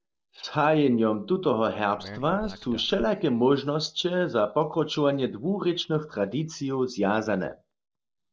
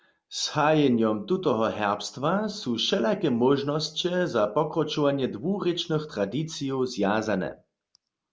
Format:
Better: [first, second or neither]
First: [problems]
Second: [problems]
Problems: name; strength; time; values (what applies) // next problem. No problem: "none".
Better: second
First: noise reduction (neural mask model DeepFilterNet 3)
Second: none